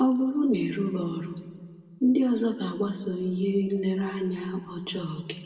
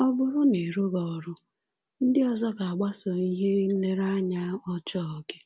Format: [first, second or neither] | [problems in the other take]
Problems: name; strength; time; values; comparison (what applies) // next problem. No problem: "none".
second | room echo; dies away in 1.6 s